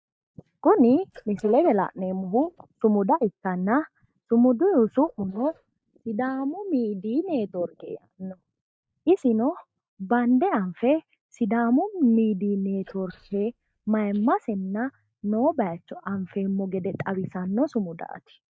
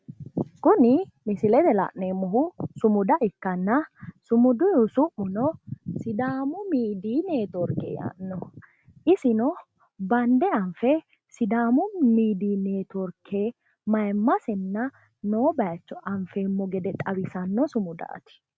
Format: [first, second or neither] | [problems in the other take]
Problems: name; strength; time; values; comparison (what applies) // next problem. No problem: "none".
second | noise reduction (neural mask model DeepFilterNet 3)